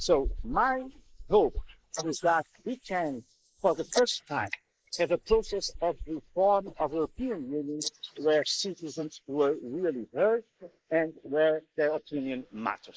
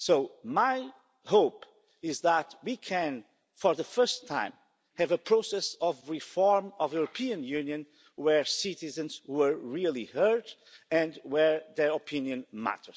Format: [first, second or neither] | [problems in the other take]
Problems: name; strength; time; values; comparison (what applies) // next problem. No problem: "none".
second | noise reduction (neural mask model Resemble Enhance denoiser)